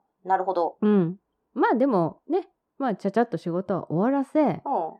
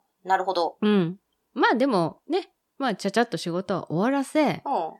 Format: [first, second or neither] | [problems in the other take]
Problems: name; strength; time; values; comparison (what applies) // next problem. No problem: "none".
second | muffled; very; fading above 2 kHz